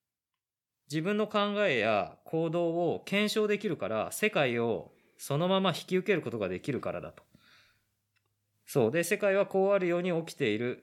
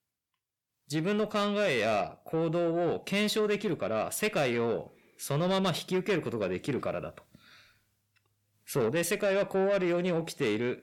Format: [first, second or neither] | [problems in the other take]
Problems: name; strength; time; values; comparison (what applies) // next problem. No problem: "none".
first | distortion; slight; 10 dB below the speech